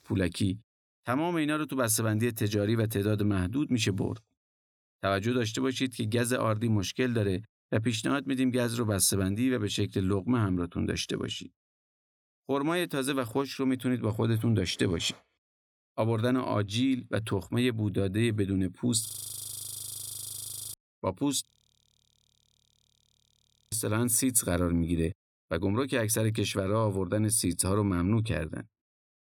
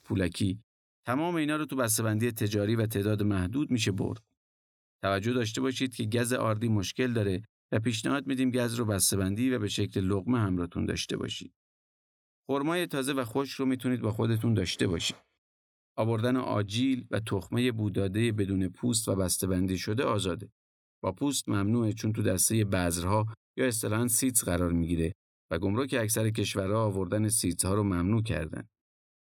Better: second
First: audio freezing; at 19 s for 1.5 s and at 21 s for 2.5 s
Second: none

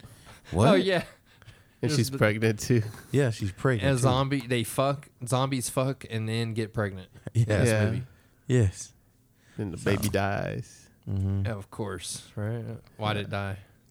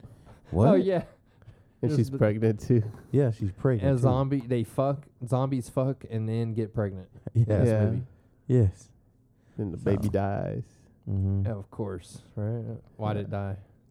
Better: first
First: none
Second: muffled; slightly; fading above 1 kHz

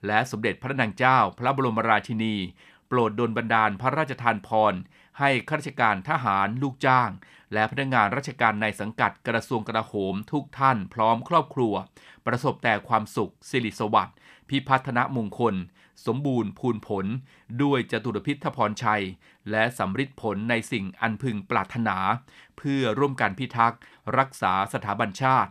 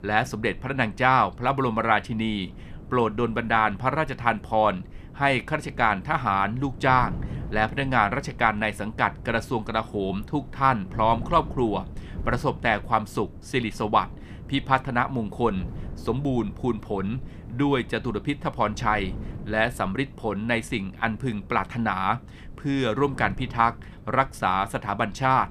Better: first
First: none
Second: wind noise on the microphone; occasional gusts; 25 dB below the speech

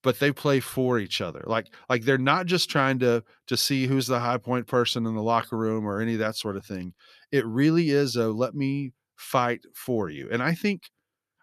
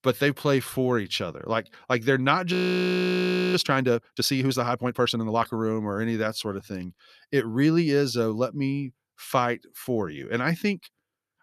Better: first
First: none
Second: audio freezing; at 2.5 s for 1 s

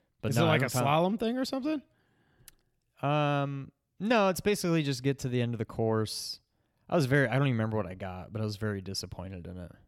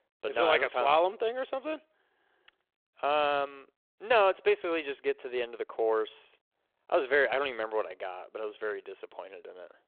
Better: first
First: none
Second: phone-call audio

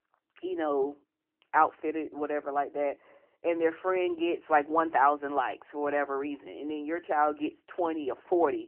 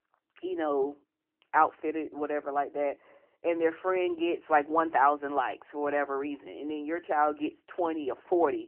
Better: neither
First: phone-call audio; nothing above 3 kHz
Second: phone-call audio; nothing above 3 kHz

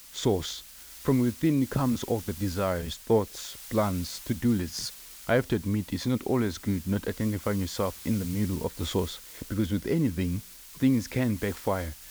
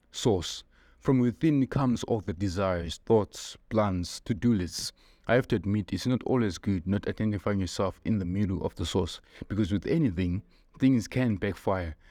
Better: second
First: hiss; noticeable; throughout; 15 dB below the speech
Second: none

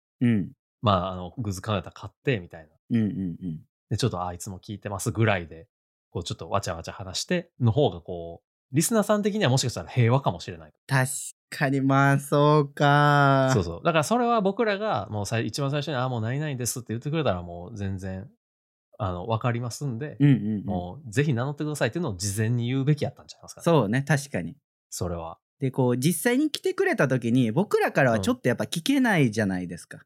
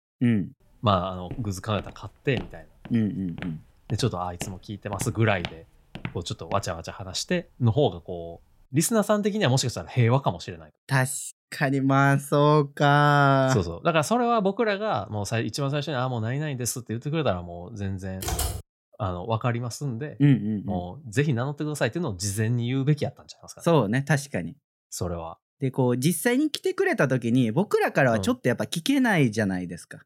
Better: first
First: none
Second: footsteps; faint; from 1.5 to 6.5 s; peak 10 dB below the speech // keyboard typing; noticeable; at 18 s; peak 3 dB below the speech

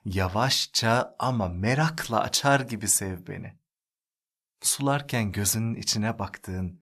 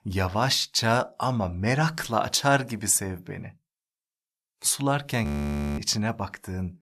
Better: first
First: none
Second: audio freezing; at 5.5 s for 0.5 s

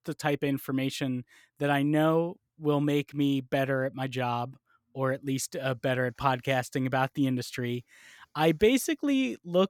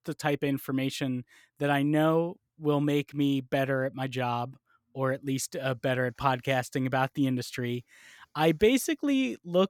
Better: neither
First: none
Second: none

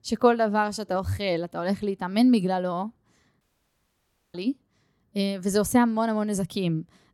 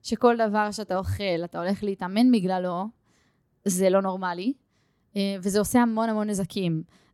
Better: second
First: audio cutting out; at 3.5 s for 1 s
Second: none

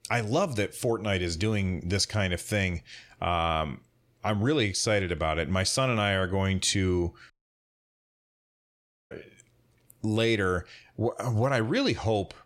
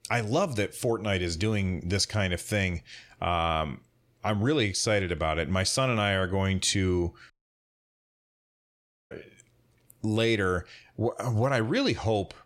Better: neither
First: audio cutting out; at 7.5 s for 2 s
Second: audio cutting out; at 7.5 s for 2 s

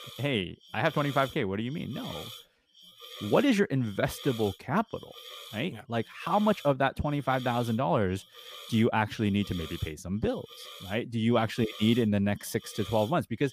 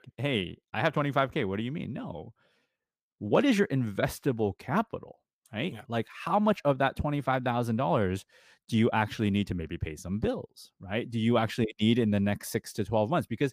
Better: second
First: hiss; noticeable; throughout; 15 dB below the speech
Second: none

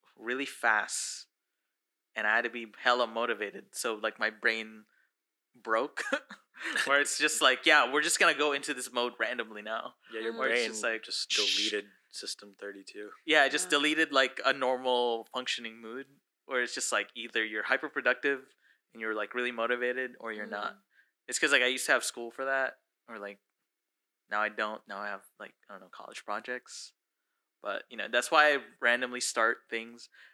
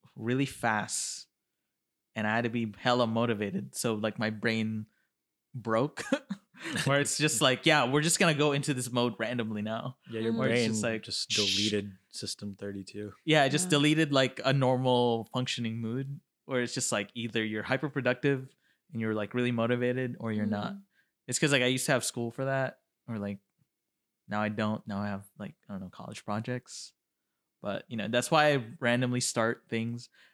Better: second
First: thin; very; fading below 300 Hz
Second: none

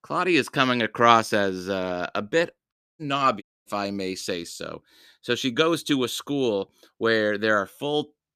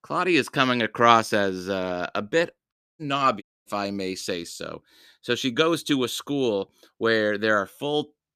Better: neither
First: audio cutting out; at 2.5 s and at 3.5 s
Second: audio cutting out; at 2.5 s and at 3.5 s

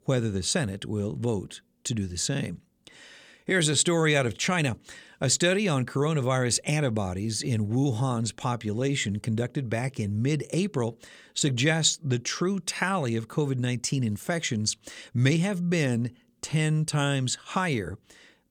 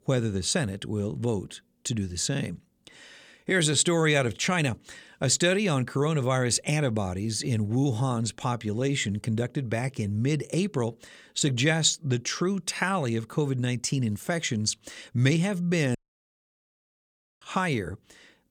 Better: first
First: none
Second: audio cutting out; at 16 s for 1.5 s

